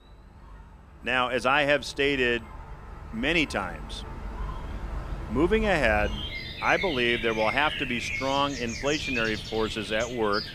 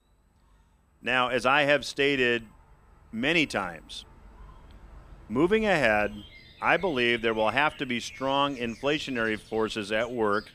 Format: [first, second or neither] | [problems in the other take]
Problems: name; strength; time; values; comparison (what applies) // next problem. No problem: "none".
second | animal sounds; loud; throughout; 8 dB below the speech; faint in the second